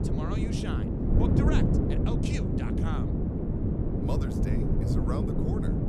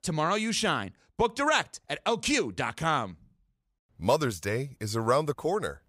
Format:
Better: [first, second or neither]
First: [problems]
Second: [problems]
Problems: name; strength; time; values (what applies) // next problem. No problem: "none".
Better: second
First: wind noise on the microphone; heavy; 5 dB above the speech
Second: none